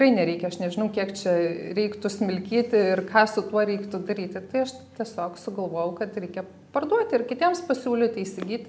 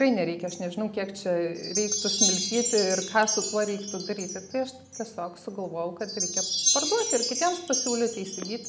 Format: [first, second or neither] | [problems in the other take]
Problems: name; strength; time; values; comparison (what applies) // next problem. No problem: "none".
first | background sound (Wind chime); 2 dB below the speech